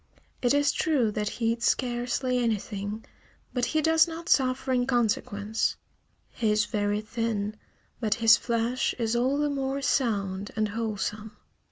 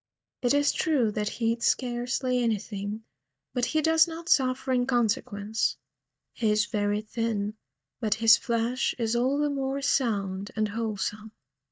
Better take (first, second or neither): first